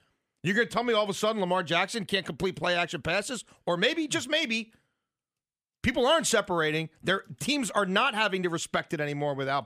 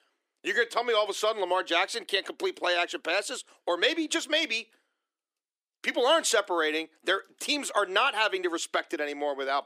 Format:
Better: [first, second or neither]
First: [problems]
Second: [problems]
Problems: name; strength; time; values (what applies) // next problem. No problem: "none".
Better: first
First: none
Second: thin; somewhat; fading below 300 Hz